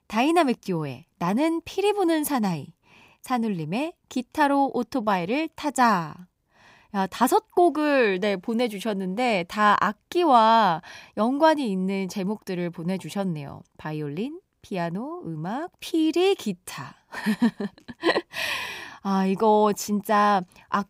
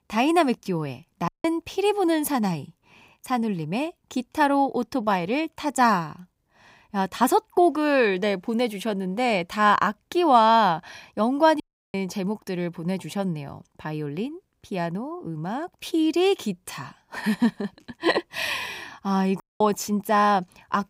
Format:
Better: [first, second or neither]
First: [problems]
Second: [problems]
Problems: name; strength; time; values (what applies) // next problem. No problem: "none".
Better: first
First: none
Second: audio cutting out; at 1.5 s, at 12 s and at 19 s